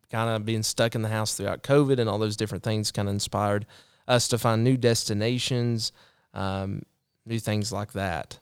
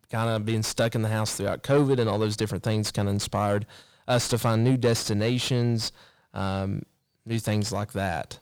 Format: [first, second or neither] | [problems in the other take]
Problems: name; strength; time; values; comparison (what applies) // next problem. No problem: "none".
first | distortion; slight; 10 dB below the speech